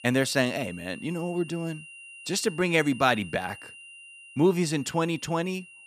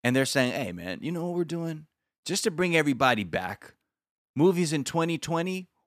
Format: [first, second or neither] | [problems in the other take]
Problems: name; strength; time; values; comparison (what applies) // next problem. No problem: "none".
second | high-pitched whine; noticeable; throughout; 3 kHz, 15 dB below the speech